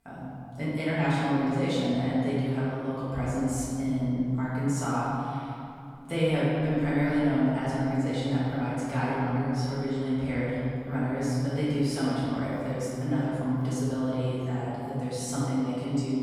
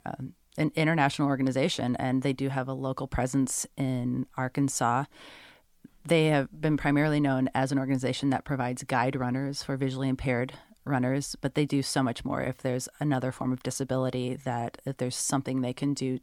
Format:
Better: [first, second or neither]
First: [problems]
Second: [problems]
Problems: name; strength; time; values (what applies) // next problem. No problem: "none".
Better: second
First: off-mic speech; far // room echo; strong; dies away in 2.6 s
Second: none